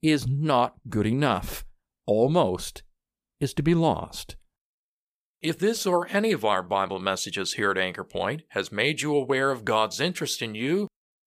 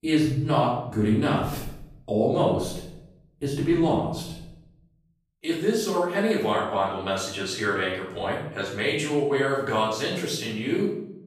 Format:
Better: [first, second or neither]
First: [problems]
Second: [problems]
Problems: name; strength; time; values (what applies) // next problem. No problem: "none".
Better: first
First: none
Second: off-mic speech; far // room echo; noticeable; dies away in 0.7 s